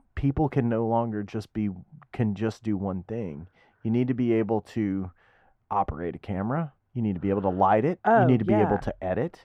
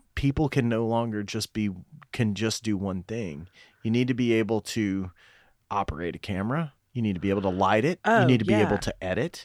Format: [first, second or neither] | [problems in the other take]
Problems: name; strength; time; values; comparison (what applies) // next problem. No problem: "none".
second | muffled; very; fading above 2.5 kHz